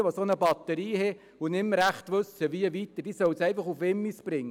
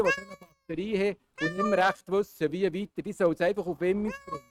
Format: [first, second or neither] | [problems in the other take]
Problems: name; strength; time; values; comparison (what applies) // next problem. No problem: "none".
first | noise reduction (neural mask model RNNoise)